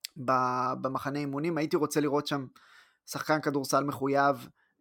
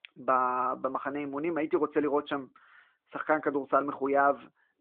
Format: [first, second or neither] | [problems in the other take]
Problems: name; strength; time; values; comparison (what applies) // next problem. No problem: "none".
first | phone-call audio; nothing above 3.5 kHz